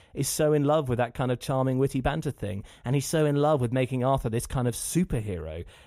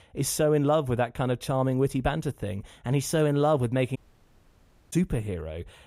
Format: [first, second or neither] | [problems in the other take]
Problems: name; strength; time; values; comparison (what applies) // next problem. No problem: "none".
first | audio cutting out; at 4 s for 1 s